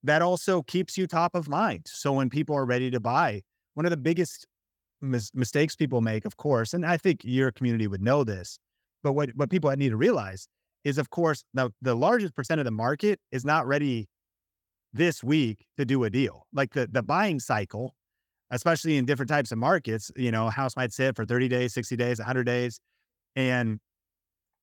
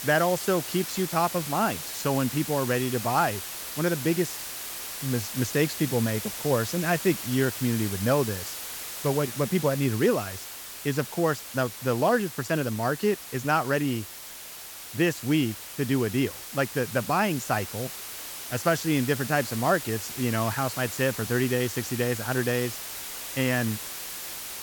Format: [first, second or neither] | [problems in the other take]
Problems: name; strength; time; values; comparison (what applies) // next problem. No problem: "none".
first | hiss; loud; throughout; 7 dB below the speech